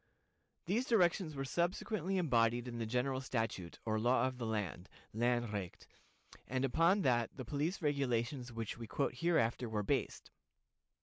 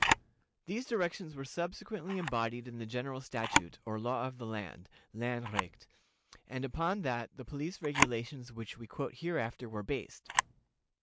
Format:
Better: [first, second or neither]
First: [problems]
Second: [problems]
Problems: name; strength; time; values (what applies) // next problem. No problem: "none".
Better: first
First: none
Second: background sound (Camera); 2 dB below the speech